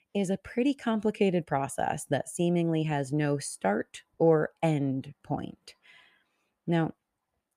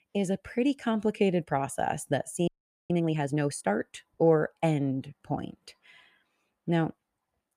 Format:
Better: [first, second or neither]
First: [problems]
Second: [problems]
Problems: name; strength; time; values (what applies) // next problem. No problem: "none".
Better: first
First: none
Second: audio freezing; at 2.5 s